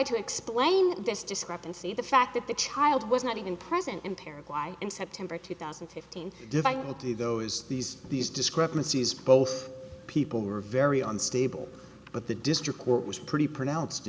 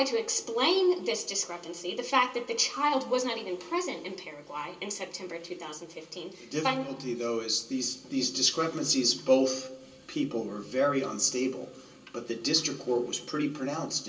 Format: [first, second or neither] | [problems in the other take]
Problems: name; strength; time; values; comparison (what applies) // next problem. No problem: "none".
first | room echo; dies away in 0.3 s